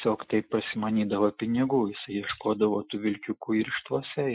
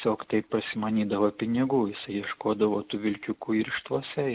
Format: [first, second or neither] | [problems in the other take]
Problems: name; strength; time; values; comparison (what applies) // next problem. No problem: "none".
second | noise reduction (classical method Wiener filter)